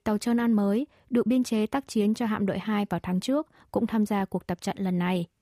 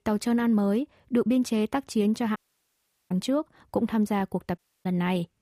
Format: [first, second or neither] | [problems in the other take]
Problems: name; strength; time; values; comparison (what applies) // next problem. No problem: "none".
first | audio cutting out; at 2.5 s for 0.5 s and at 4.5 s